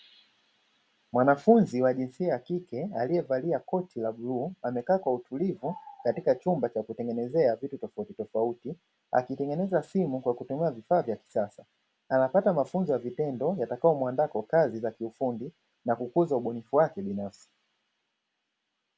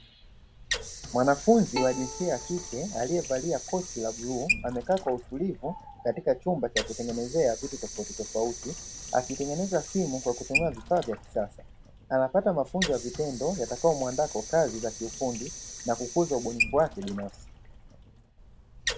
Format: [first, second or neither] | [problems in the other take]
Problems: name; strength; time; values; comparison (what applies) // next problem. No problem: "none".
first | background sound (Sink (filling or washing) / Water + Bowed string instrument); 8 dB below the speech